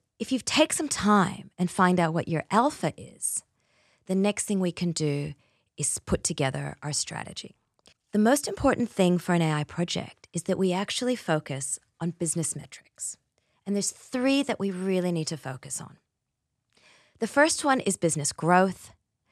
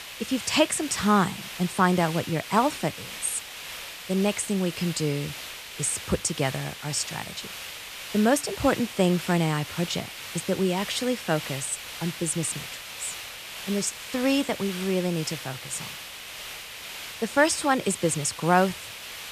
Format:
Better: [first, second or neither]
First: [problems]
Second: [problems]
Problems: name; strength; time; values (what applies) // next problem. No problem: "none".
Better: first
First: none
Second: hiss; loud; throughout; 10 dB below the speech